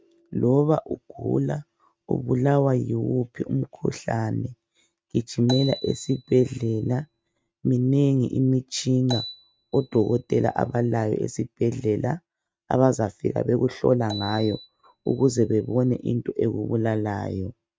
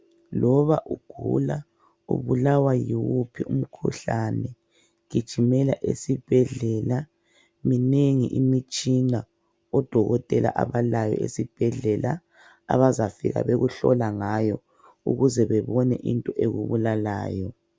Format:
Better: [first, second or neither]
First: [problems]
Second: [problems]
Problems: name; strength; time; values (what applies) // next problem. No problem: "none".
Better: second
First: noise reduction (neural mask model RNNoise)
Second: none